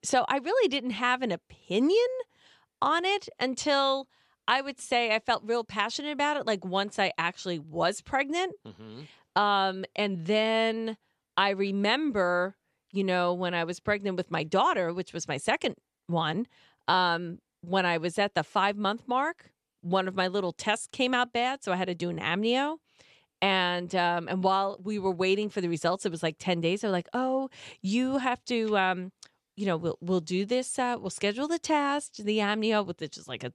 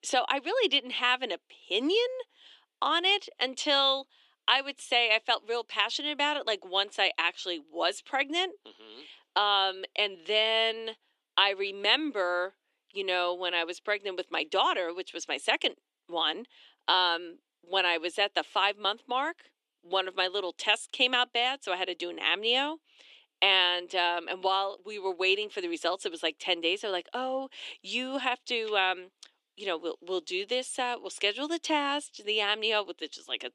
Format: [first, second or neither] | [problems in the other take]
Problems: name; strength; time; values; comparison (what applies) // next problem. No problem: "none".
first | thin; somewhat; fading below 300 Hz